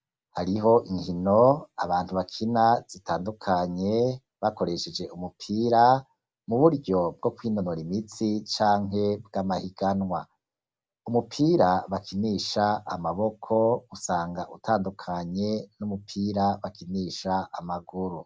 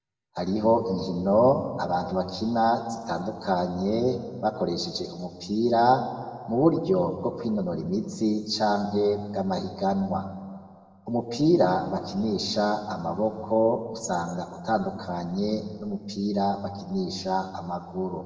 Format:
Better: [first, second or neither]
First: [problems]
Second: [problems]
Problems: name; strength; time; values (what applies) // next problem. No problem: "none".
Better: first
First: none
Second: room echo; dies away in 1.4 s